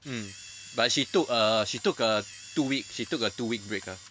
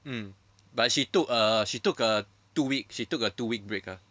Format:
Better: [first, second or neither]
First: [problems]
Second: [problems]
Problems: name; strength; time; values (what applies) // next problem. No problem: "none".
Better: second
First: background sound (Camera); 17 dB below the speech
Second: none